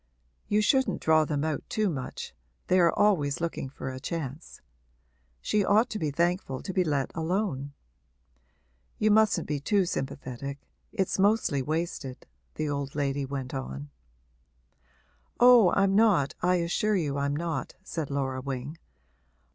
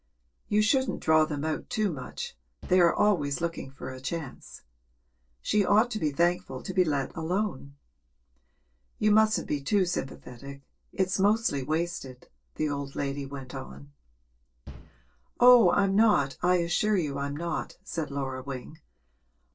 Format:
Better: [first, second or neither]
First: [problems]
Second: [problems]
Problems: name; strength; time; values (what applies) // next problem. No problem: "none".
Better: first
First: none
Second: noise reduction (neural separator model SepFormer DNS4)